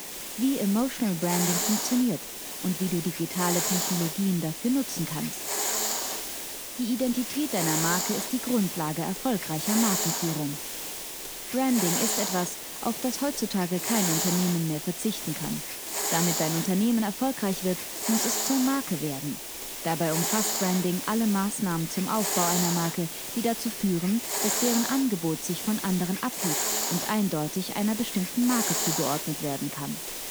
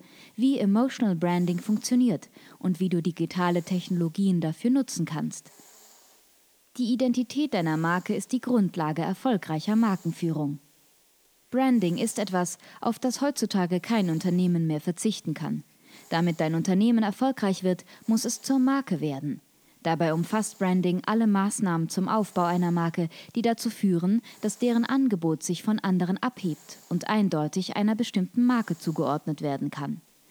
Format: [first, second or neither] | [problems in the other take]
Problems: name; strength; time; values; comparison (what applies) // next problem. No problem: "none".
second | hiss; loud; throughout; 1 dB below the speech; faint in the second